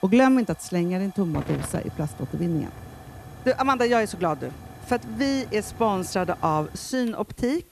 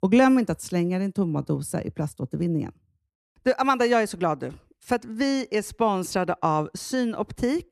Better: second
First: hiss; noticeable; throughout; 15 dB below the speech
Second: none

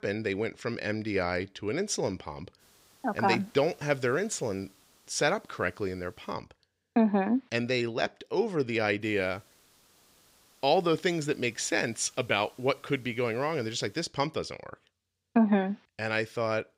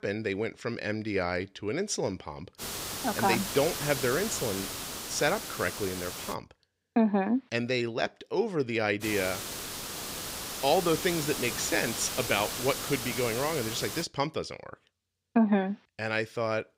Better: first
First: hiss; faint; from 2.5 to 6.5 s and from 9 to 14 s; 30 dB below the speech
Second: hiss; loud; from 2.5 to 6.5 s and from 9 to 14 s; 5 dB below the speech

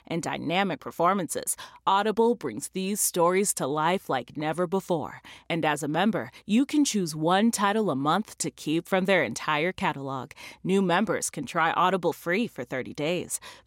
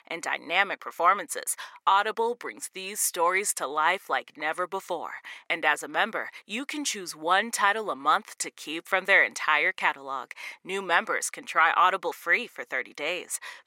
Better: first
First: none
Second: thin; very; fading below 550 Hz

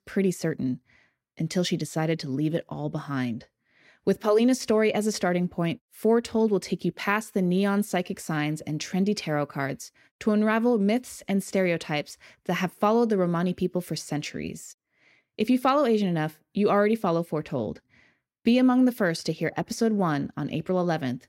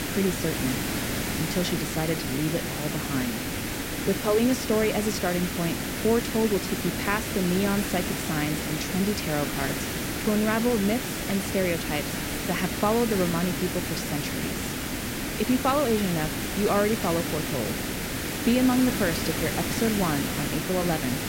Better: first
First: none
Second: hiss; loud; throughout; 2 dB below the speech

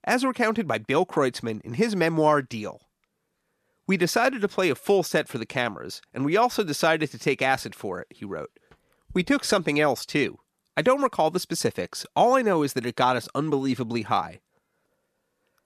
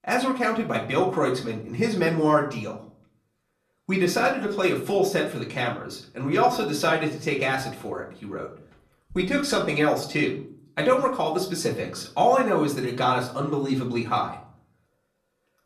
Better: first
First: none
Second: off-mic speech; far // room echo; slight; dies away in 0.5 s

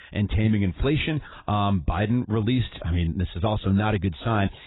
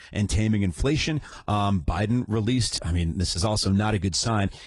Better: second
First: garbled, watery; badly; nothing above 4 kHz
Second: garbled, watery; slightly

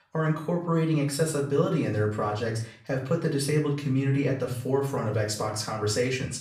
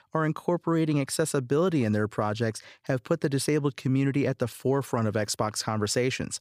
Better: second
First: off-mic speech; far // room echo; slight; dies away in 0.5 s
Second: none

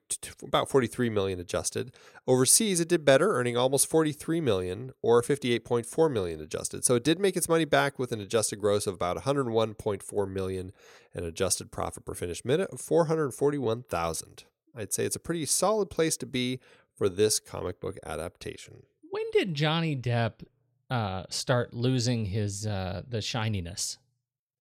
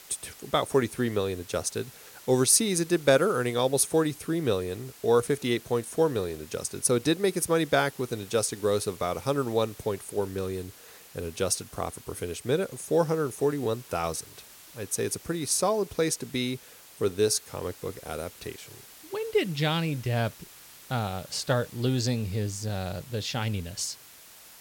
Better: first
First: none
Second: hiss; noticeable; throughout; 20 dB below the speech

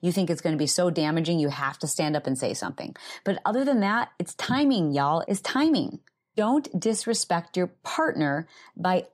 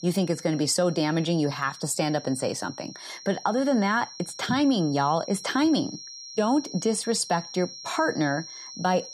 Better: first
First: none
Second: high-pitched whine; noticeable; throughout; 5.5 kHz, 15 dB below the speech

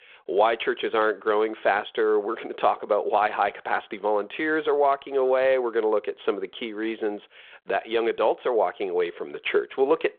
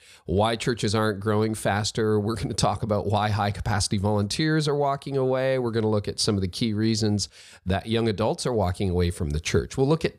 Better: second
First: phone-call audio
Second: none

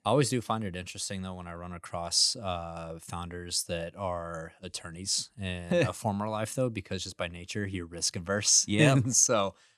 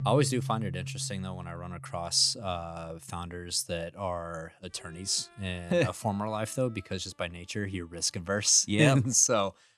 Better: first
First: none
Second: background music; noticeable; throughout; 10 dB below the speech

